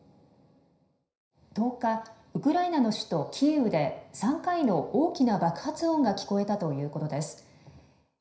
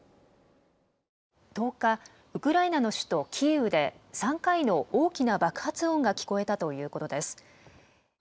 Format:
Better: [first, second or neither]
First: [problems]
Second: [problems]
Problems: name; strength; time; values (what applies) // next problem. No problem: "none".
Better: second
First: room echo; dies away in 0.5 s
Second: none